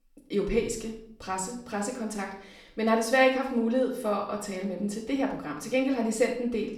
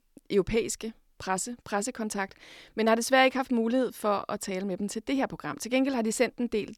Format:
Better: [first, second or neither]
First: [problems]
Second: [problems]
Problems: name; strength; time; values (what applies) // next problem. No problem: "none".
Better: second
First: off-mic speech; far // room echo; slight; dies away in 0.6 s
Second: none